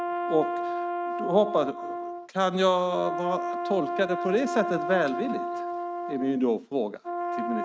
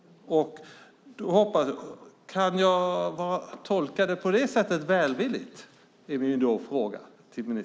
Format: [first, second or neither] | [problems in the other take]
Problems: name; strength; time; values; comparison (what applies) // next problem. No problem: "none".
second | noise reduction (neural mask model RNNoise)